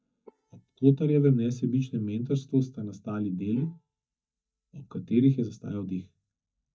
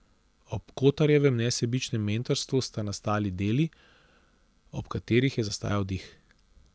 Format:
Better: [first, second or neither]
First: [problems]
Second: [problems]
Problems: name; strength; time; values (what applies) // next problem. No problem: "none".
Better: second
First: noise reduction (neural mask model DeepFilterNet 3)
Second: none